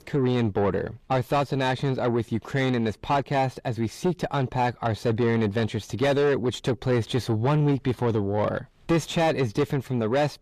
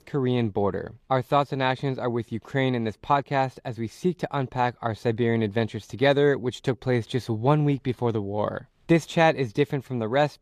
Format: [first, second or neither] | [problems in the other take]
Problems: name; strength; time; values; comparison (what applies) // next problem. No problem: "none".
second | distortion; heavy; 7 dB below the speech